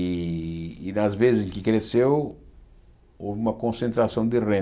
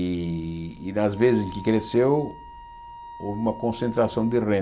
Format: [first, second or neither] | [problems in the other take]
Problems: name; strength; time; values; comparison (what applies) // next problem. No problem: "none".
first | background sound (Wind instrument, woodwind instrument); 18 dB below the speech